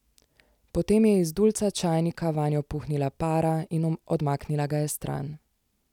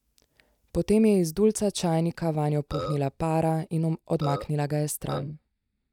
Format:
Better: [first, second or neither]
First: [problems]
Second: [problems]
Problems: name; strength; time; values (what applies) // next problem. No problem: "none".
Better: first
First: none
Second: noise reduction (neural mask model DeepFilterNet 3)